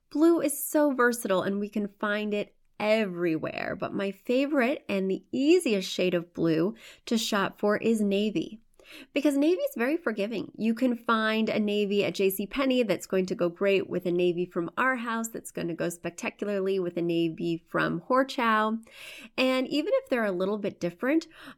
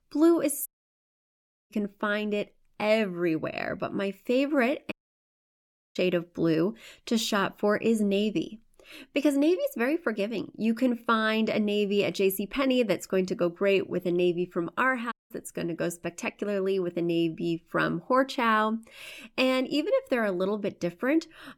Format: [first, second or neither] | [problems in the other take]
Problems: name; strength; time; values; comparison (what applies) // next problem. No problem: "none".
first | audio cutting out; at 0.5 s for 1 s, at 5 s for 1 s and at 15 s